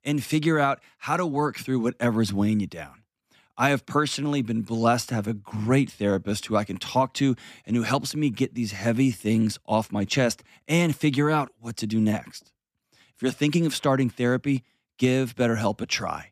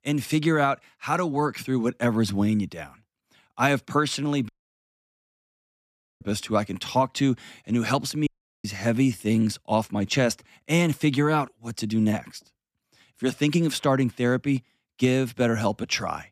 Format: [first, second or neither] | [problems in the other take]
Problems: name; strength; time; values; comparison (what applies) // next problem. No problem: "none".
first | audio cutting out; at 4.5 s for 1.5 s and at 8.5 s